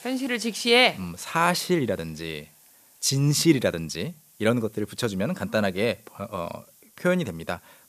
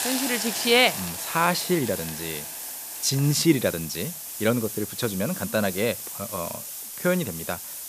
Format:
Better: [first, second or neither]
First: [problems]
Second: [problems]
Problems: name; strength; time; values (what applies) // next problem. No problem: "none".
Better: first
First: hiss; faint; throughout; 25 dB below the speech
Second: hiss; loud; throughout; 6 dB below the speech